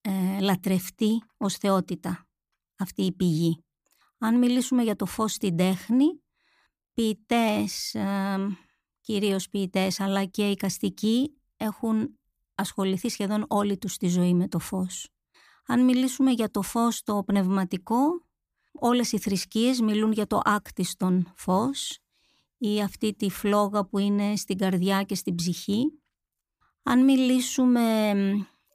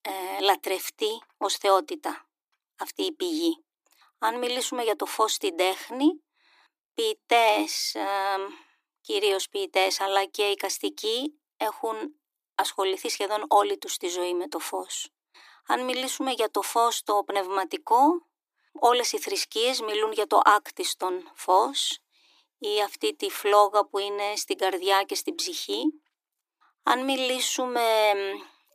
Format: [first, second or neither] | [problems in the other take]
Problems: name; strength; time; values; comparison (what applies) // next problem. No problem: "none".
first | thin; very; fading below 300 Hz